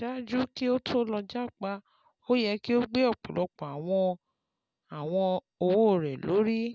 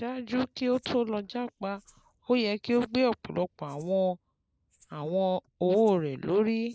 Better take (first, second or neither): first